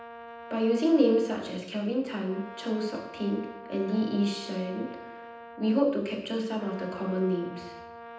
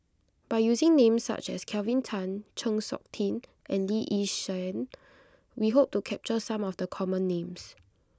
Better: second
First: background sound (Brass instrument); 16 dB below the speech // room echo; dies away in 0.9 s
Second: none

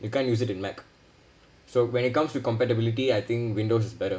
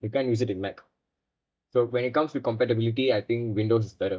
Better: first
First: none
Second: noise reduction (neural mask model DeepFilterNet 3)

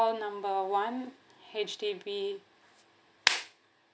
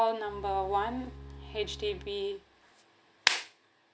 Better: first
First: none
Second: background sound (Bowed string instrument); 14 dB below the speech

